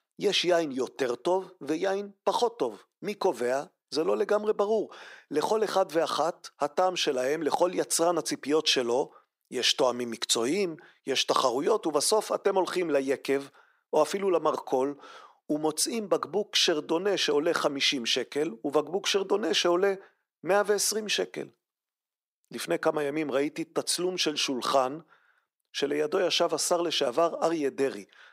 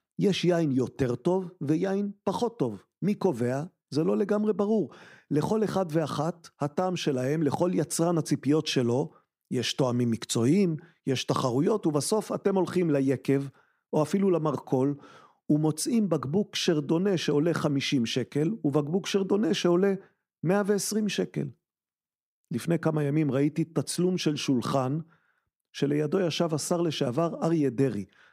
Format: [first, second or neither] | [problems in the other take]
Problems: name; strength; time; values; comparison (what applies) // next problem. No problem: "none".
second | thin; somewhat; fading below 550 Hz